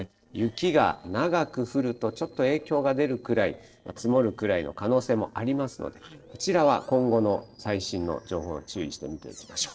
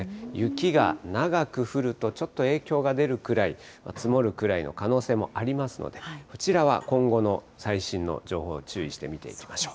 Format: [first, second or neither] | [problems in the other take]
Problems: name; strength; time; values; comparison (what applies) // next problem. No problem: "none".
second | noise reduction (neural separator model SepFormer DNS4)